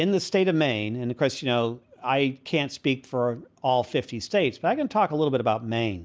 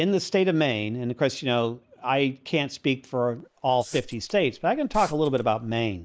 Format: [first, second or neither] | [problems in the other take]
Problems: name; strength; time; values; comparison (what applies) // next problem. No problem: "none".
first | noise reduction (neural mask model Resemble Enhance denoiser)